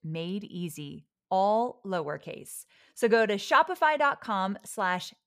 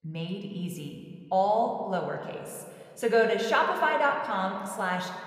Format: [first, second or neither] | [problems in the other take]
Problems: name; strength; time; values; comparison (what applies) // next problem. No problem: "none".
first | room echo; slight; dies away in 1.9 s